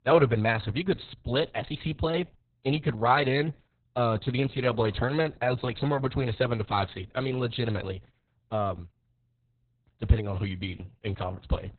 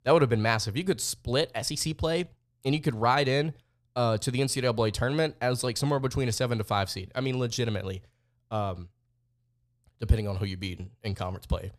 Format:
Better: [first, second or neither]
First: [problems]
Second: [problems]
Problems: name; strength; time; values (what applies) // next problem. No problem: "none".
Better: second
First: garbled, watery; badly; nothing above 4 kHz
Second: none